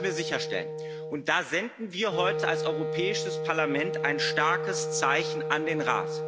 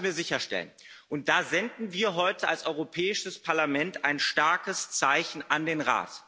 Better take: second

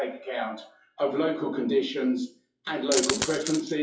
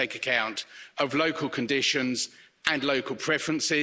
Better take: second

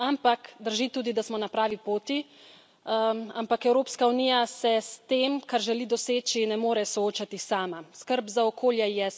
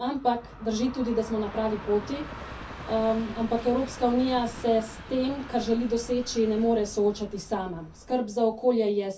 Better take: first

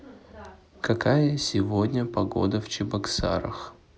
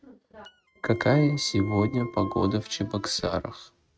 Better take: first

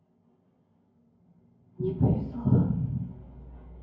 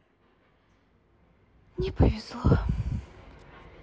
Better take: second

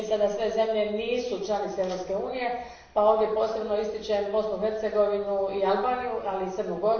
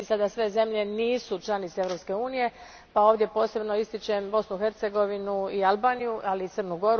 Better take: second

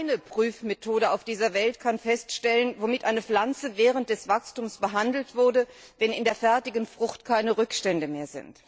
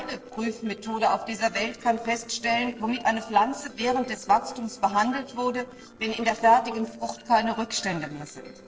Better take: first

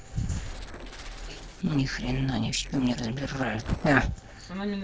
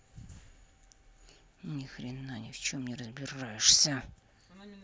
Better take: second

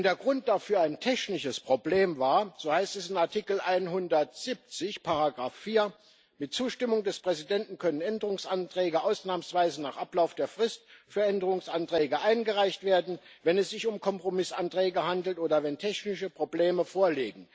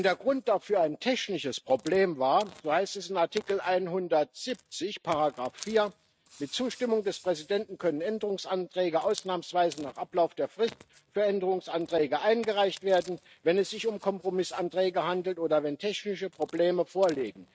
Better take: first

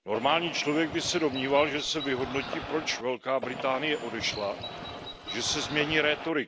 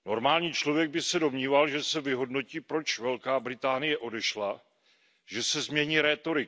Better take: second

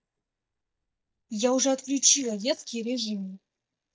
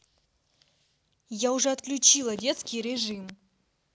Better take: second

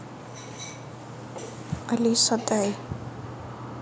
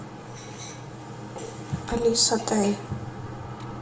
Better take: first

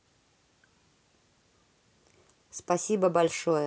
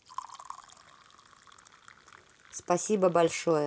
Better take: first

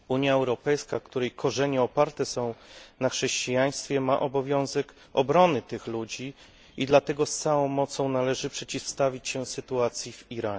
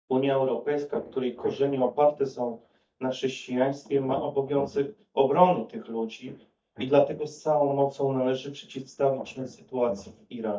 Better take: first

